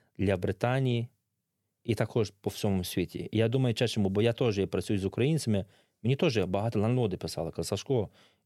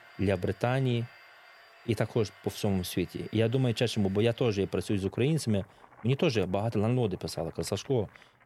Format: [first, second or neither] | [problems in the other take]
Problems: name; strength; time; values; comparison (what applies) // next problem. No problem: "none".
first | household noises; faint; throughout; 25 dB below the speech